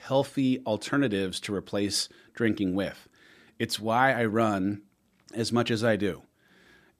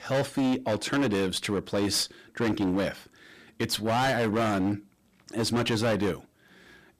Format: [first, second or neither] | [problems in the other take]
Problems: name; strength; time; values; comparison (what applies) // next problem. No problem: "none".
first | distortion; heavy; 18% of the sound clipped